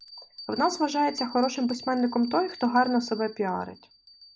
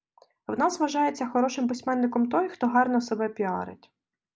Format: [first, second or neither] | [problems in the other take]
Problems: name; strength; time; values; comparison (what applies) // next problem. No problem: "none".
second | background sound (Bell); 16 dB below the speech